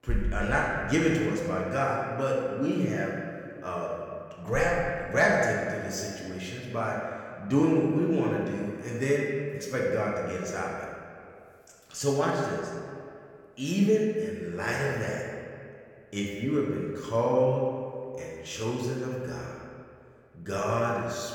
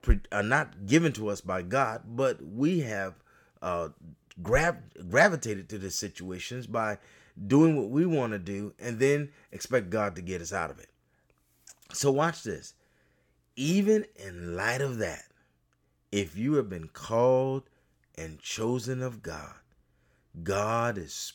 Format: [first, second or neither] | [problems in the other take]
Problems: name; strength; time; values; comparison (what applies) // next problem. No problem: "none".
second | room echo; noticeable; dies away in 1.9 s // off-mic speech; far